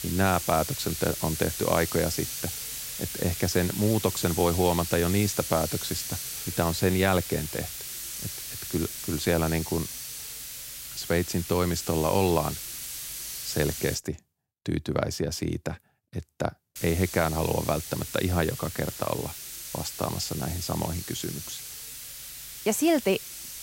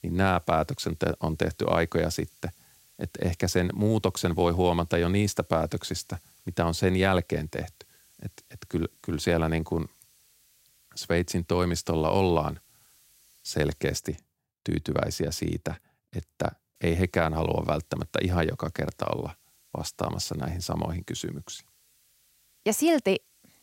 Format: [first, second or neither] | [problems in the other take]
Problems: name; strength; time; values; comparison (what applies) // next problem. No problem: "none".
second | hiss; loud; until 14 s and from 17 s on; 6 dB below the speech; faint in the second